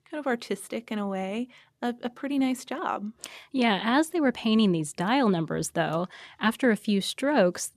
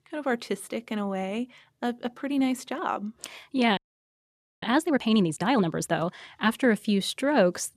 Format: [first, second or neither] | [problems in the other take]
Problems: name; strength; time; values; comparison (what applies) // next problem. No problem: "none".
first | audio freezing; at 4 s for 1 s